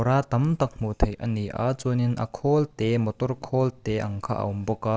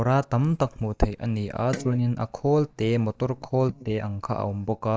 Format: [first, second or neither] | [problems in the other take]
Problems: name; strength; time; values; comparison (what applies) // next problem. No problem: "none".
first | noise reduction (neural mask model DeepFilterNet 3)